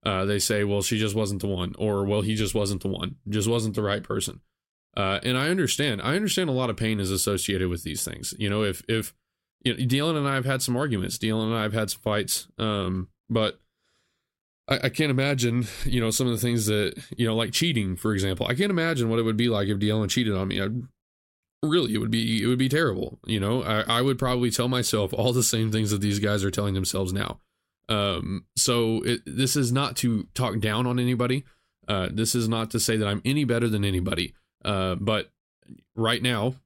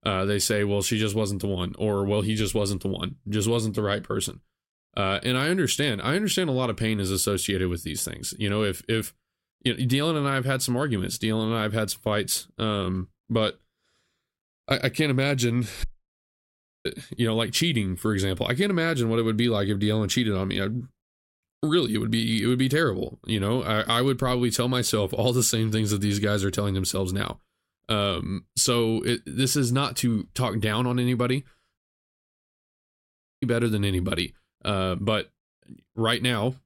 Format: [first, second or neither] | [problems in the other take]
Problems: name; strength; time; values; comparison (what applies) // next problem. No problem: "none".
first | audio cutting out; at 16 s for 1 s and at 32 s for 1.5 s